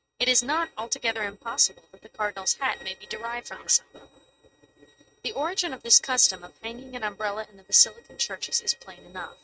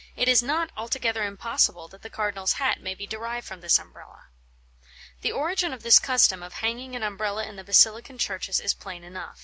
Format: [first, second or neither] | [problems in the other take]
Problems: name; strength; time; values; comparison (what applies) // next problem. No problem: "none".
second | noise reduction (neural mask model RNNoise)